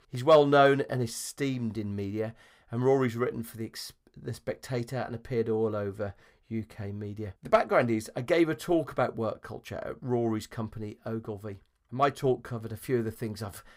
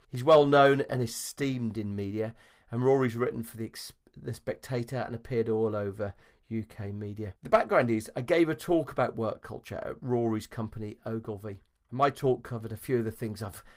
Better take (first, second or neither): first